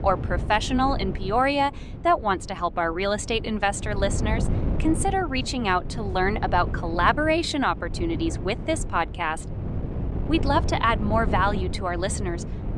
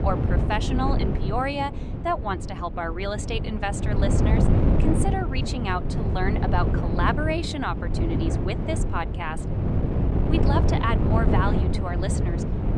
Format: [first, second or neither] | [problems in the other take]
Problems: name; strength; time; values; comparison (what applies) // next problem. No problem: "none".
first | wind noise on the microphone; heavy; 4 dB below the speech; occasional gusts in the first